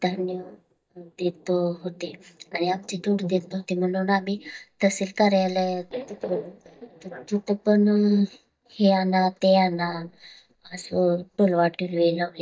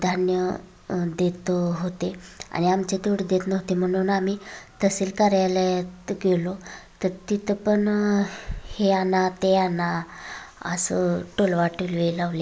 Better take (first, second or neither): second